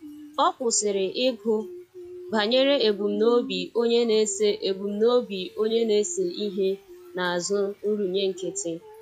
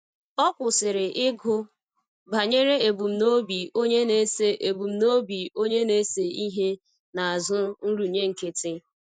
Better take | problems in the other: second | noise reduction (classical method log-MMSE)

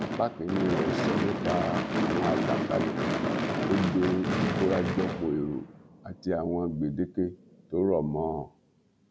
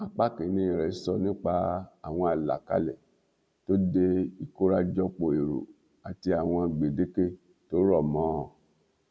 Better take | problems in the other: second | background sound (Gunshot, gunfire / Fireworks); 1 dB below the speech

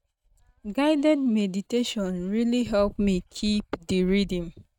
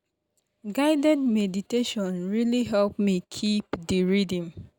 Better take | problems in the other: second | noise reduction (neural mask model RNNoise)

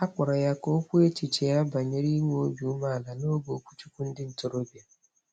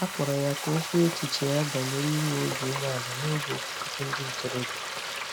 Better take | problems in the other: first | background sound (Frying (food)); 4 dB below the speech

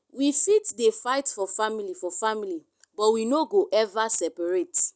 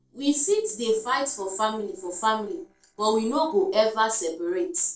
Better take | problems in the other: first | noise reduction (neural separator model SepFormer DNS4)

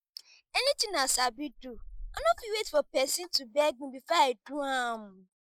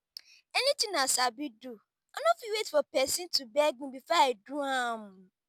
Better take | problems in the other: second | noise reduction (neural mask model Resemble Enhance denoiser)

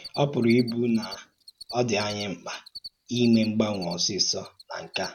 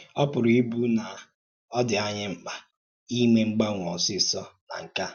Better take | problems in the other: second | background sound (Cricket); 18 dB below the speech

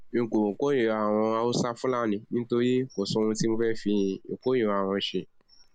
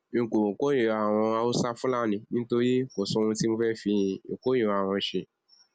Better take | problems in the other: second | background sound (Chewing, mastication); 15 dB below the speech

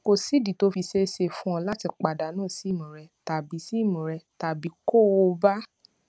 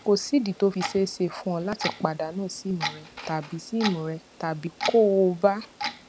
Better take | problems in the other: first | background sound (Clock); 11 dB below the speech

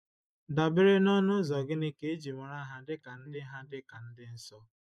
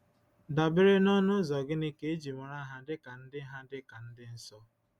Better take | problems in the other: second | noise reduction (neural mask model Resemble Enhance denoiser)

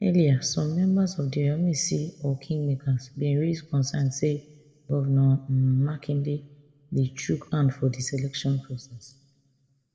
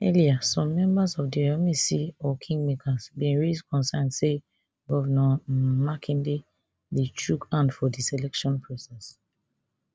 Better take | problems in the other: second | room echo; dies away in 0.9 s

